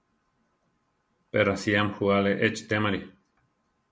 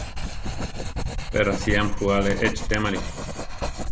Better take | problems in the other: first | background sound (Writing); 1 dB below the speech

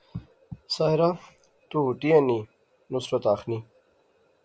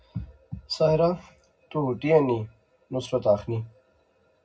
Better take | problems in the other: first | room echo; dies away in 0.4 s

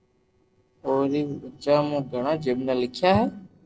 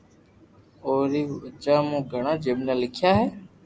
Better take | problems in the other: second | noise reduction (neural separator model SepFormer DNS4)

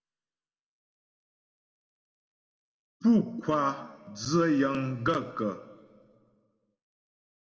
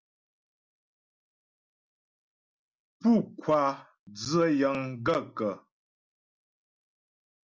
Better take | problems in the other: second | room echo; dies away in 1.3 s

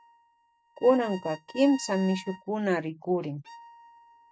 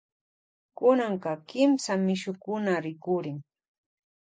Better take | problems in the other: second | noise reduction (neural mask model RNNoise)

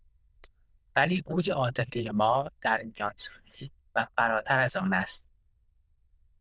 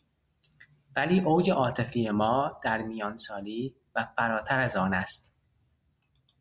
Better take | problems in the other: second | noise reduction (neural diffusion model UNIVERSE++)

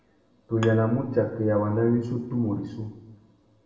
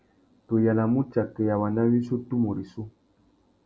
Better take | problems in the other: second | background sound (Bowed string instrument); 18 dB below the speech // room echo; dies away in 1 s

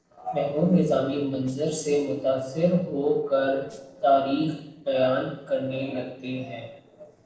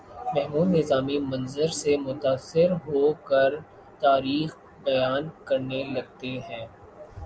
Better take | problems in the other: second | noise reduction (neural separator model SepFormer DNS4)

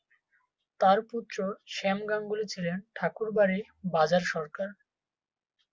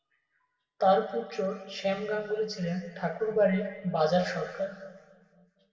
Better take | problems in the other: first | room echo; dies away in 1.8 s

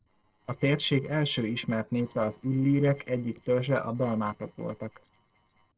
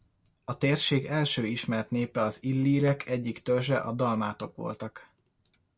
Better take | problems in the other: second | noise reduction (neural separator model SepFormer DNS4)

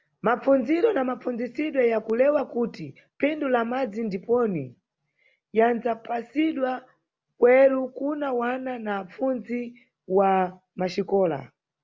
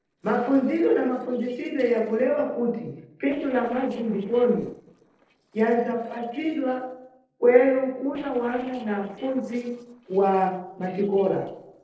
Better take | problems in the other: first | noise reduction (neural separator model SepFormer DNS4)

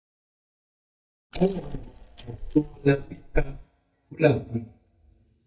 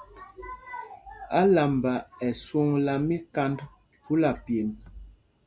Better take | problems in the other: second | noise reduction (neural mask model DeepFilterNet 3)

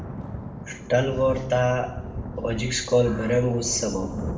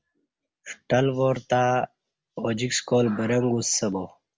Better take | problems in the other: second | background sound (Thunder / Rain); 9 dB below the speech // room echo; dies away in 0.8 s

